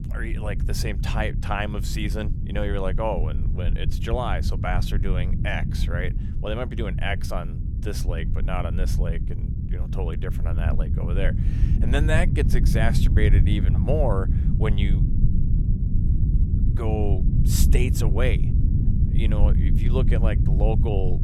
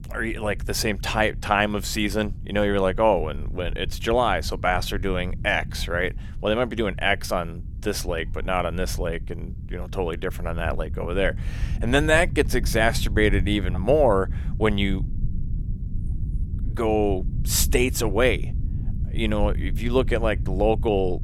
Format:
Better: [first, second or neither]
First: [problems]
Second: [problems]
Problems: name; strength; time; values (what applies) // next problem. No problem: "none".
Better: second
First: low rumble; loud; throughout; 7 dB below the speech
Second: low rumble; faint; throughout; 20 dB below the speech